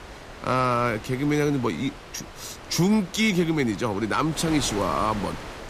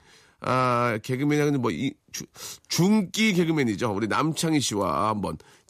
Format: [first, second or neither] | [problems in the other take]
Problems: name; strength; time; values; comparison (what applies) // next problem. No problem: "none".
second | wind noise on the microphone; occasional gusts; 15 dB below the speech